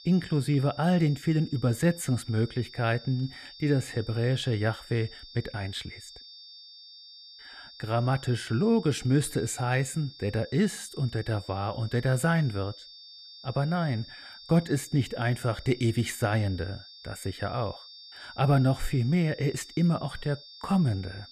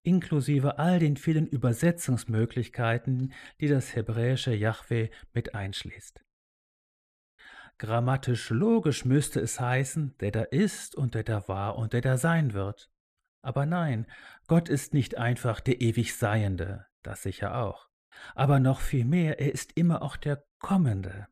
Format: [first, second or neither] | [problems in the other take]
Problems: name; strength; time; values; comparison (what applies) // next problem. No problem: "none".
second | high-pitched whine; noticeable; throughout; 4.5 kHz, 20 dB below the speech